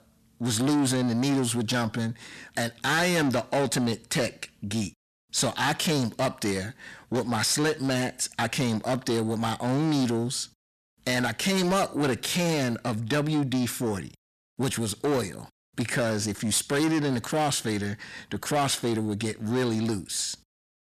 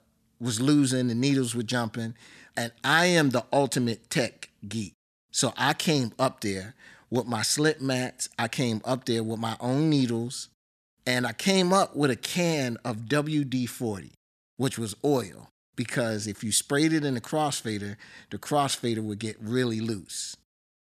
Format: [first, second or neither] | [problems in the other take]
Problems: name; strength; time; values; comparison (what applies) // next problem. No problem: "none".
second | distortion; heavy; 7 dB below the speech